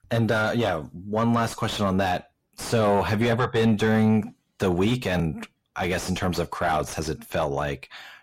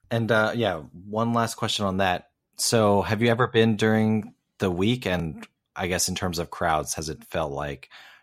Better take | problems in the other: second | distortion; heavy; 7 dB below the speech

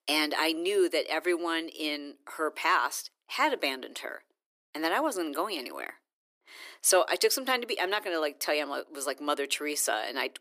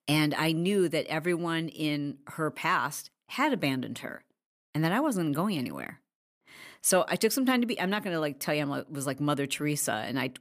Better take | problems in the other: second | thin; somewhat; fading below 350 Hz

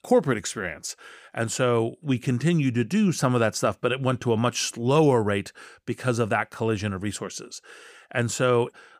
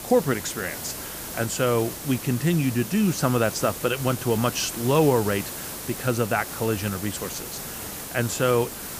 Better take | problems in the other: first | hiss; loud; throughout; 8 dB below the speech

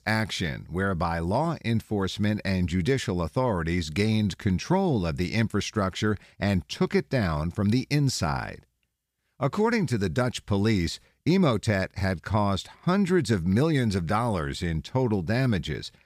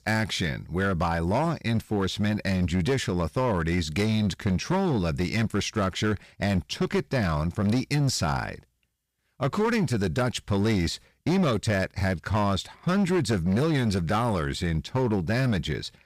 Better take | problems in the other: first | distortion; slight; 10% of the sound clipped

